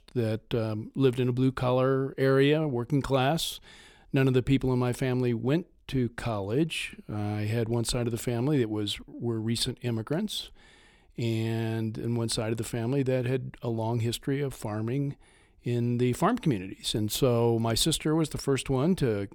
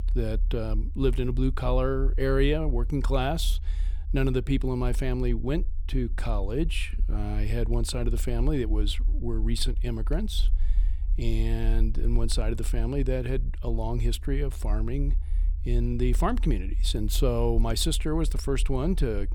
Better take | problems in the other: first | low rumble; faint; throughout; 20 dB below the speech

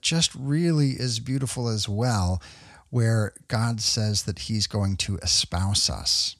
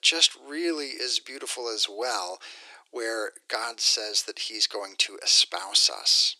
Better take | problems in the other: first | thin; very; fading below 300 Hz

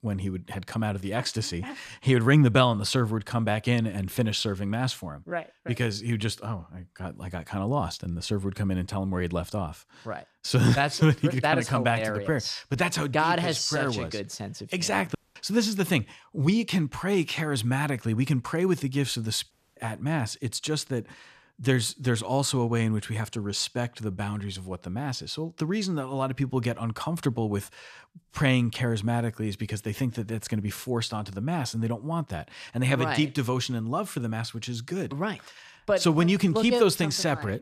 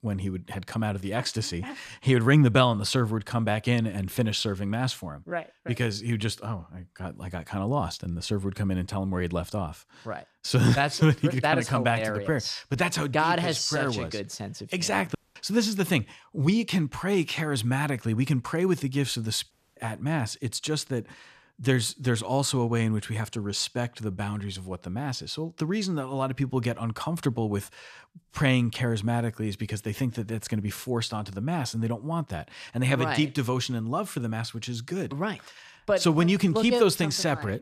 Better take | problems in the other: neither | audio cutting out; at 15 s and at 20 s; the same in both

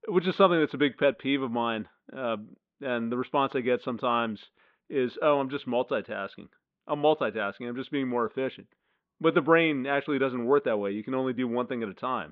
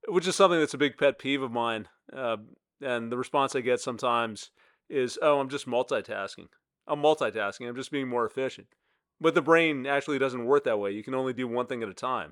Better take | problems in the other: second | muffled; very; fading above 3.5 kHz

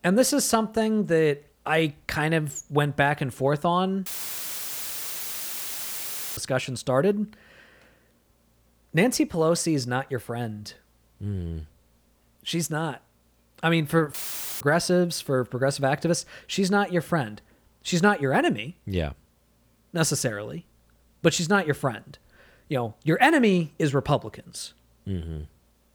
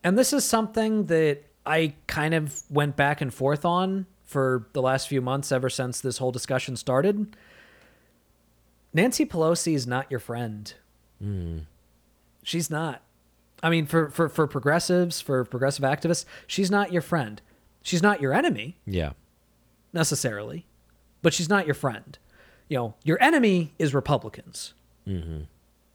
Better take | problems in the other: second | audio cutting out; filled with static; at 4 s for 2.5 s and at 14 s

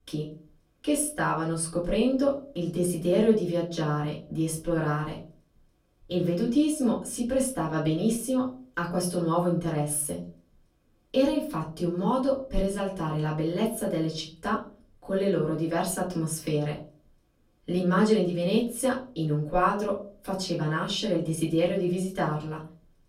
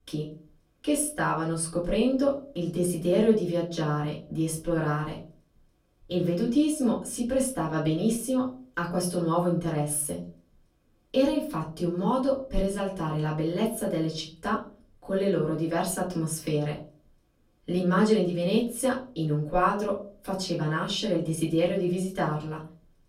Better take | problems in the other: neither | off-mic speech; far; the same in both // room echo; slight; dies away in 0.4 s; the same in both

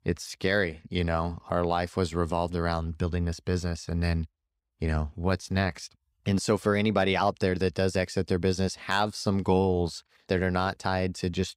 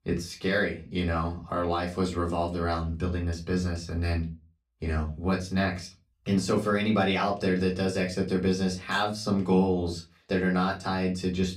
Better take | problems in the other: first | off-mic speech; far // room echo; very slight; dies away in 0.2 s

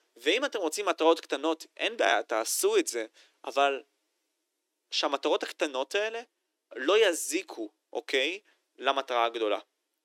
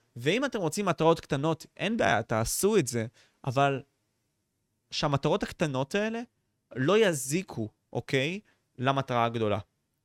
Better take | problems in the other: second | thin; very; fading below 300 Hz

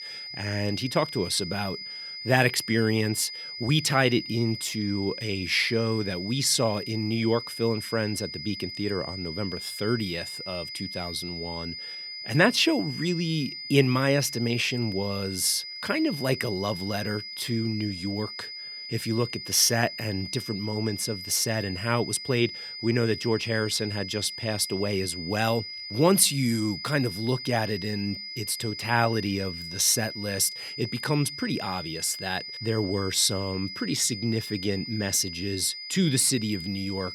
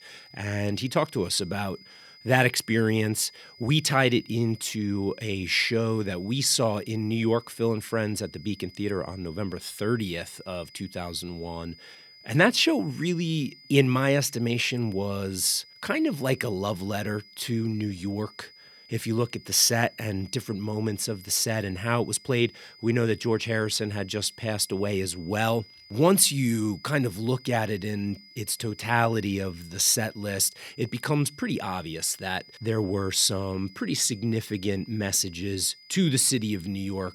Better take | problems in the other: second | high-pitched whine; loud; throughout; 5 kHz, 9 dB below the speech; faint in the second

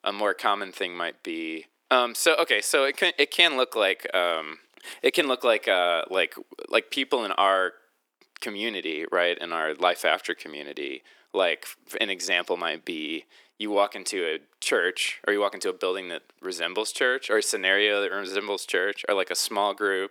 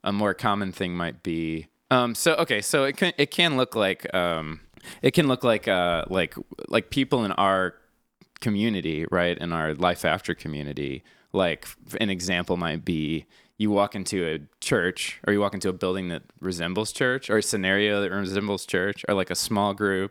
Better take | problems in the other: second | thin; somewhat; fading below 350 Hz

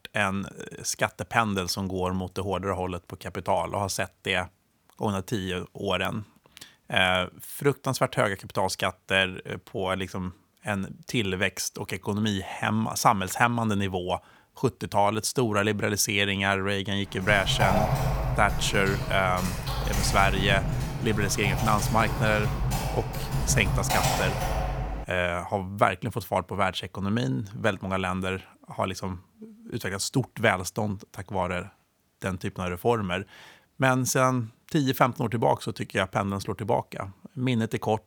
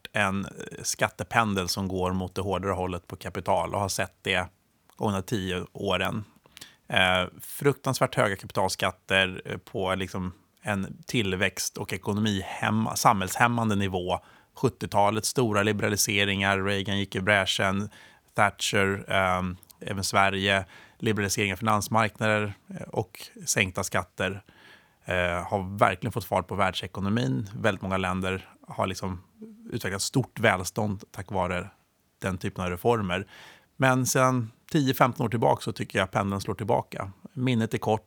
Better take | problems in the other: second | keyboard typing; loud; from 17 to 25 s; peak 2 dB above the speech

